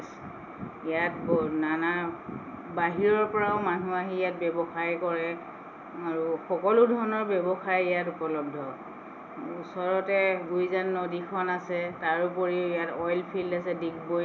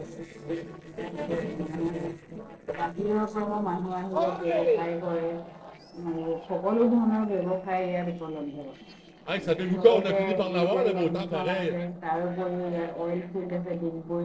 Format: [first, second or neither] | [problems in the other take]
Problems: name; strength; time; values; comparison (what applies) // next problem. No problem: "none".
first | noise reduction (neural separator model SepFormer DNS4)